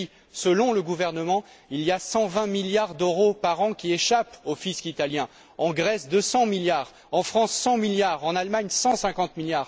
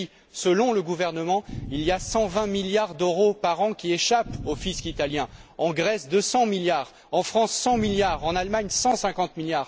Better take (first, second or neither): first